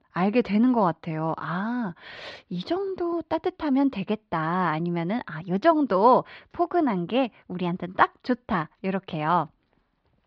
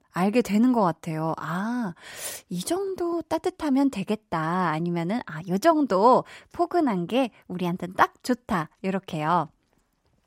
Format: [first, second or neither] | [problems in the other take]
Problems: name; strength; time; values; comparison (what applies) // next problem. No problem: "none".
second | muffled; very slightly; fading above 4 kHz